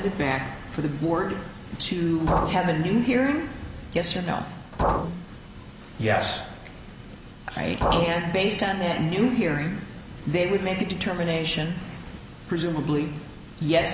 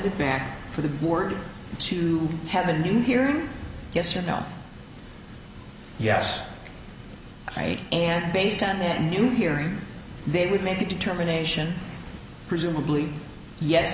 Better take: second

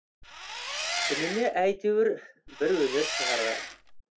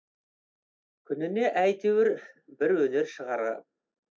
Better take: second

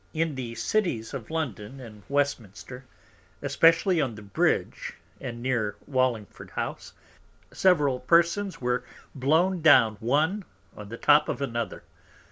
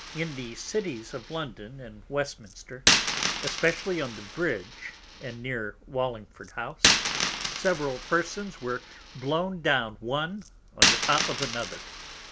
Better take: first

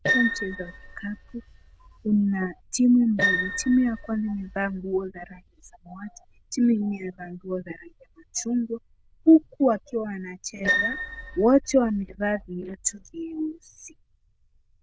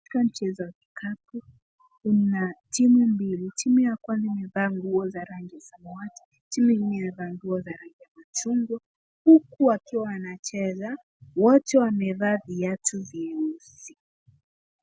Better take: second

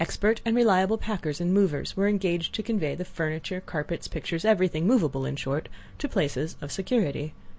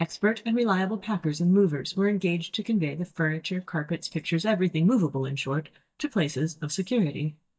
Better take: first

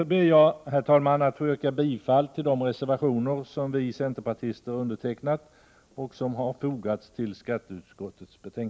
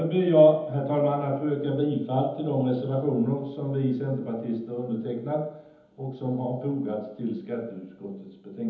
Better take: first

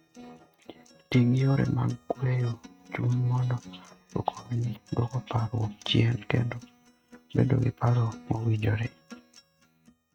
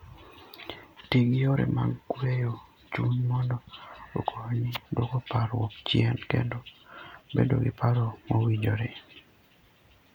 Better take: second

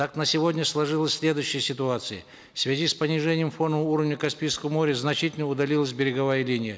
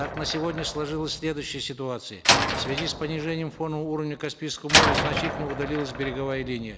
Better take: first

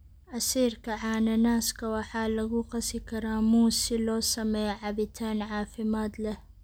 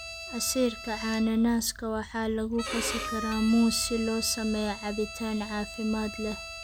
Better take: first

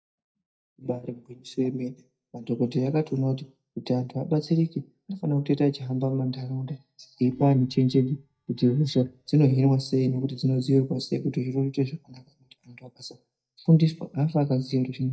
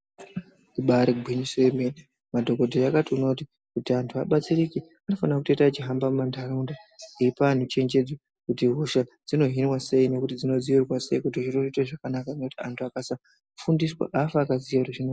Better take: second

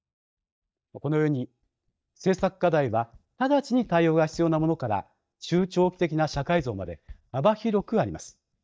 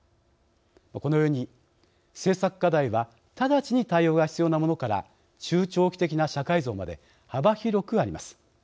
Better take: second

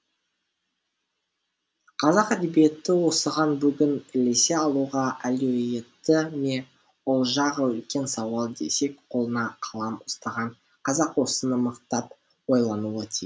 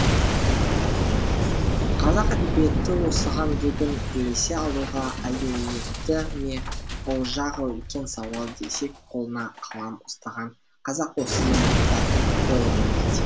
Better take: first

